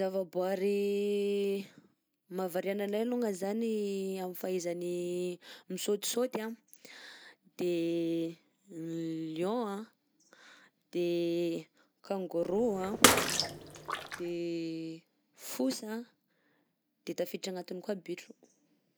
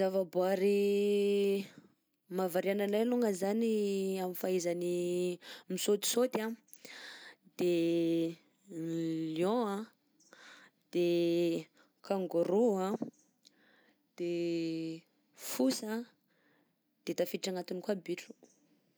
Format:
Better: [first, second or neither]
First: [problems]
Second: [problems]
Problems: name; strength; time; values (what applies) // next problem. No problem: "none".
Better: second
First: background sound (Bathtub (filling or washing) / Water / Splash, splatter); 4 dB above the speech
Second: none